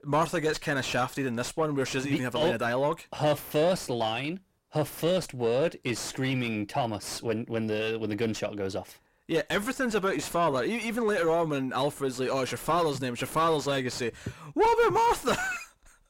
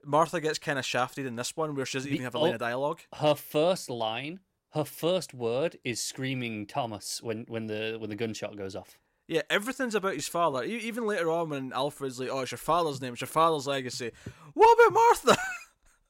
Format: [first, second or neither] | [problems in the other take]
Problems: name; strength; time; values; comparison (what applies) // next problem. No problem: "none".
second | distortion; heavy; 6 dB below the speech